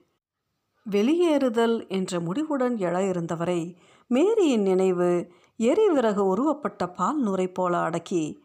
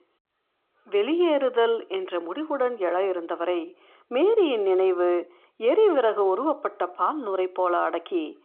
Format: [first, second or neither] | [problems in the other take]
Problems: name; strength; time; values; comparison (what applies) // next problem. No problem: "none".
first | phone-call audio